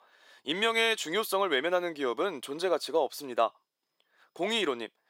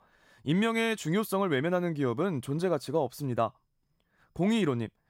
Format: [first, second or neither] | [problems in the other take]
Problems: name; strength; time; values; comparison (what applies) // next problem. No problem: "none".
second | thin; somewhat; fading below 400 Hz